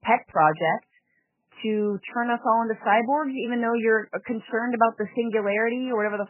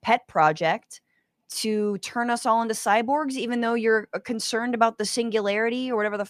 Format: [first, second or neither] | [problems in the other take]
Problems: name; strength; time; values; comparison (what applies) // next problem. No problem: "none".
second | garbled, watery; badly; nothing above 3 kHz